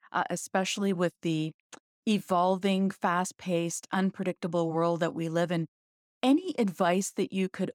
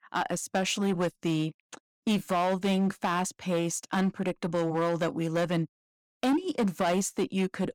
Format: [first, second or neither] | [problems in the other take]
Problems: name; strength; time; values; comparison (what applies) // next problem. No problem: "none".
first | distortion; slight; 9% of the sound clipped